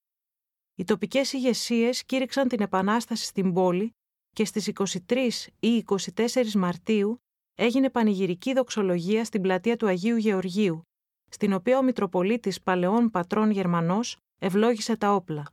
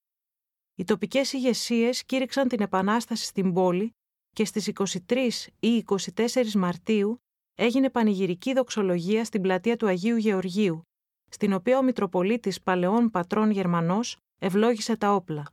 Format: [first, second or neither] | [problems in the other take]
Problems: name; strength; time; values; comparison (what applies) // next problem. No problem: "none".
neither | none